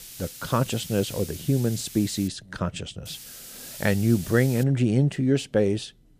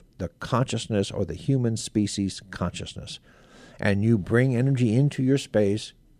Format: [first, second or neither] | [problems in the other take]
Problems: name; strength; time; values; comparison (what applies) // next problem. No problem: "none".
second | hiss; noticeable; until 2.5 s and from 3 to 4.5 s; 15 dB below the speech